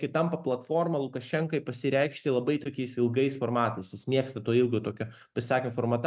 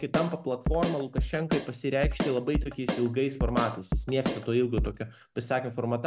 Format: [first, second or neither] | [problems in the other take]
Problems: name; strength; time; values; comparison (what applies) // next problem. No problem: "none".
first | background sound (Drum kit); 3 dB below the speech